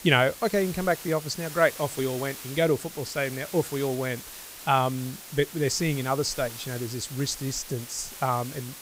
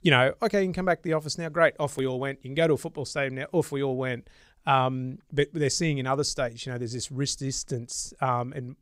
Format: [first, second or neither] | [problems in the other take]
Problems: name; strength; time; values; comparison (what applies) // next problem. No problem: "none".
second | hiss; noticeable; throughout; 10 dB below the speech